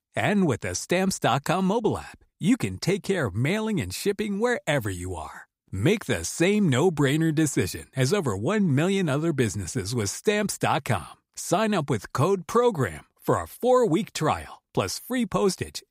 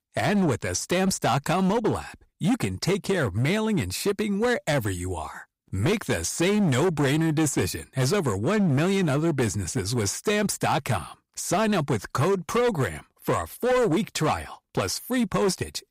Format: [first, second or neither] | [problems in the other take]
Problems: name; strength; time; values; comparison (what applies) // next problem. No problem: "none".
first | distortion; slight; 13% of the sound clipped